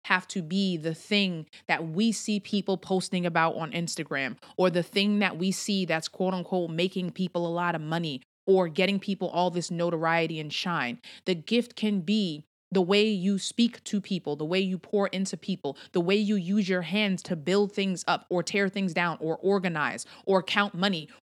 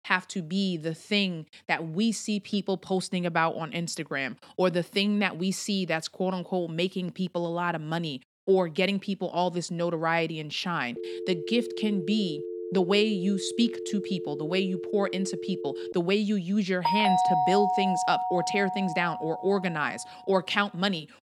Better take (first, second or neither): first